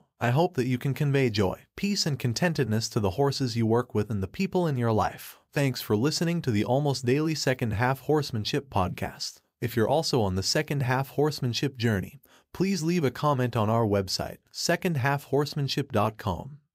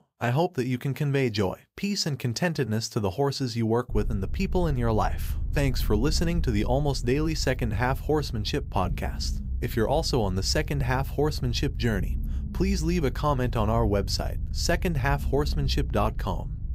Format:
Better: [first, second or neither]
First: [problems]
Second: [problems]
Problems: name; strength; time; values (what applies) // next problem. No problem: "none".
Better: first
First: none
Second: low rumble; faint; from 4 s on; 20 dB below the speech